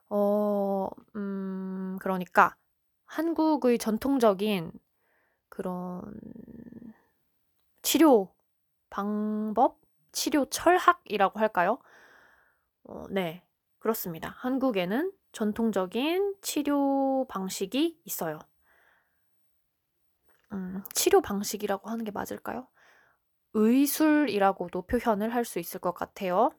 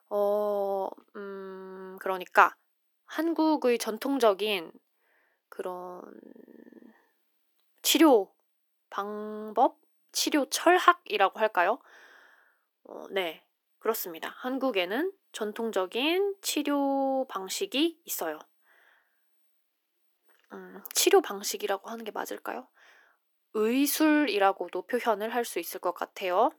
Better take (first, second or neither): first